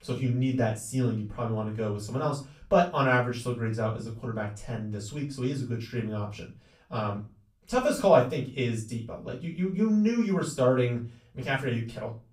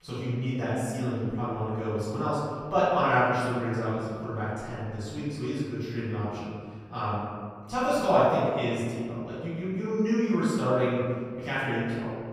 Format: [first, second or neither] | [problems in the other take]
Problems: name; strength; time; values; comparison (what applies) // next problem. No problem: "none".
first | room echo; strong; dies away in 1.8 s; slight in the first // off-mic speech; far; far in the first